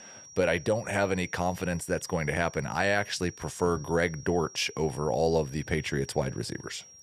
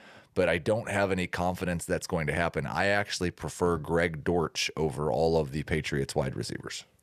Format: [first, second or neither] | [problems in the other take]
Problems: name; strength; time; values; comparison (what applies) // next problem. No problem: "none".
second | high-pitched whine; noticeable; throughout; 5.5 kHz, 20 dB below the speech